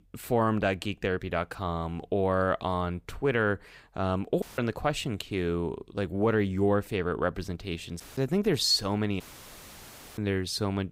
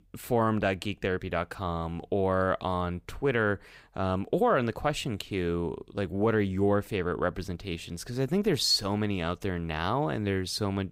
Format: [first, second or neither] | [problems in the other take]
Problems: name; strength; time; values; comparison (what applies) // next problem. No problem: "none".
second | audio cutting out; filled with static; at 4.5 s, at 8 s and at 9 s for 1 s